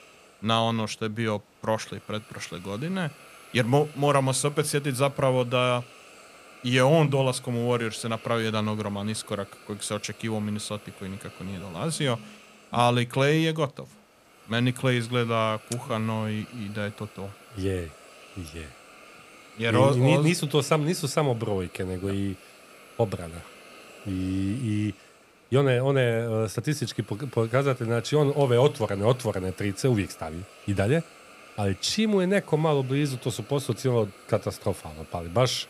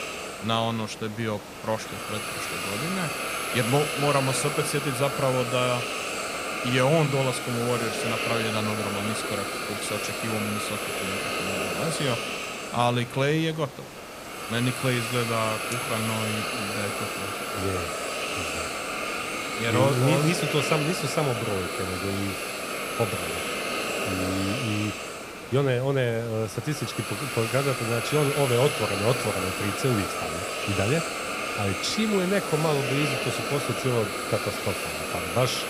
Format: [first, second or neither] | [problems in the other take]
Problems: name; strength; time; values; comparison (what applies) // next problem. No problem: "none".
first | hiss; loud; throughout; 1 dB below the speech; faint in the first